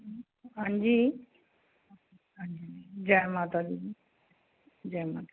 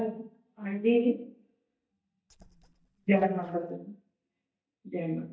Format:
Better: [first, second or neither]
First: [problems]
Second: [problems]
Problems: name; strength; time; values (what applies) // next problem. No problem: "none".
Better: first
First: none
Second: noise reduction (neural mask model DeepFilterNet 3)